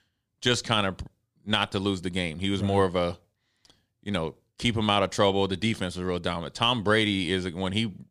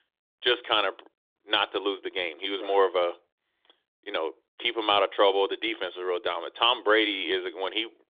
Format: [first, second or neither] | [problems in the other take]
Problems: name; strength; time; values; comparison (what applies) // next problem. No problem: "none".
first | phone-call audio; nothing above 3.5 kHz